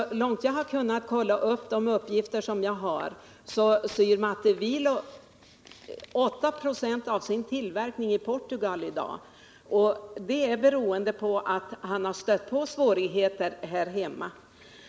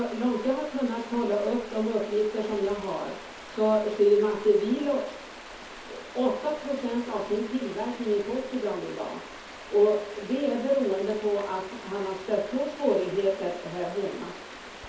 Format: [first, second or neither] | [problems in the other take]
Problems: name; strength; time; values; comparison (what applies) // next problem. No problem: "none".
first | background sound (Stream); 15 dB below the speech // room echo; dies away in 0.5 s